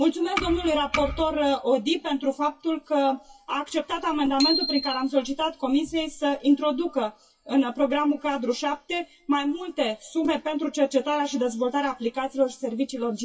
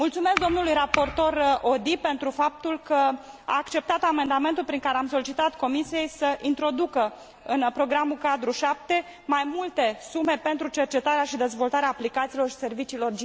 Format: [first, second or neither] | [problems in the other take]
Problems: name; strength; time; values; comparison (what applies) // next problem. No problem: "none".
second | noise reduction (classical method WPE with log-MMSE)